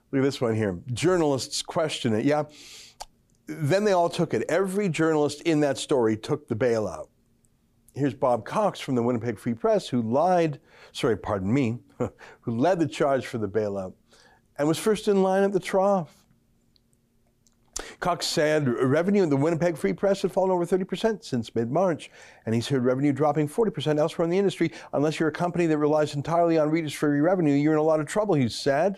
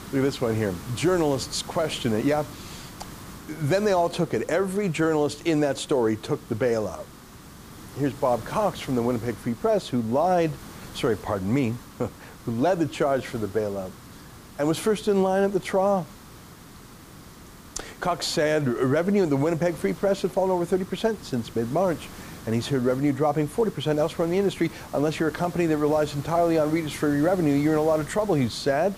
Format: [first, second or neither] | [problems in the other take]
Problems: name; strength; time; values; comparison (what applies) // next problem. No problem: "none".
first | hiss; noticeable; throughout; 20 dB below the speech